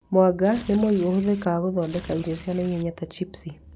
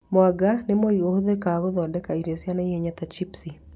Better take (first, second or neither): second